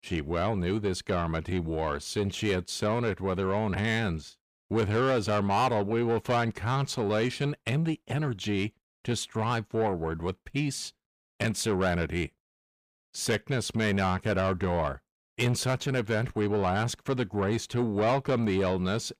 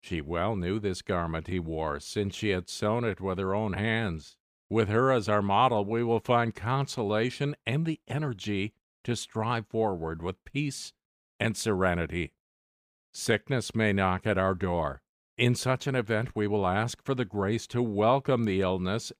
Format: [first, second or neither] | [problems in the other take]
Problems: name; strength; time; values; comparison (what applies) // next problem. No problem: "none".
second | distortion; slight; 10 dB below the speech